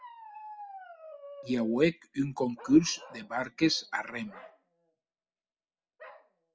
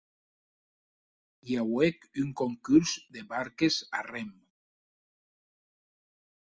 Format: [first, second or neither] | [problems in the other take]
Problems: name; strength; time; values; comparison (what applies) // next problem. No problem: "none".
second | background sound (Bark); 18 dB below the speech